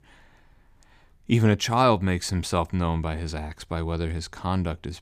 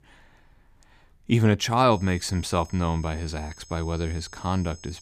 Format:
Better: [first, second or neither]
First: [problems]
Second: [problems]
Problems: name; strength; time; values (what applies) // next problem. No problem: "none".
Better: first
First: none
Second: high-pitched whine; faint; from 2 s on; 6.5 kHz, 20 dB below the speech